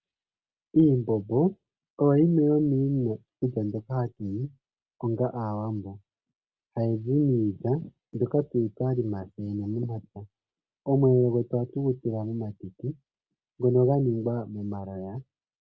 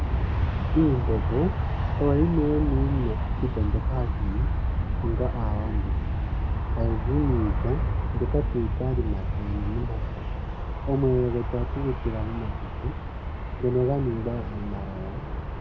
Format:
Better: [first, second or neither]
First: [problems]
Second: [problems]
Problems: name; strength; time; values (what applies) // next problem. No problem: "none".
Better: first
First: none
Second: background sound (Aircraft); 2 dB above the speech